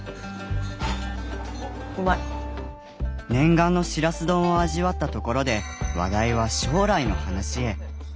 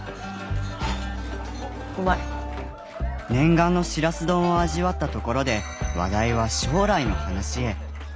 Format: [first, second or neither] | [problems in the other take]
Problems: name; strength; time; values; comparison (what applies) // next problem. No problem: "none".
first | background sound (Applause / Cheering); 18 dB below the speech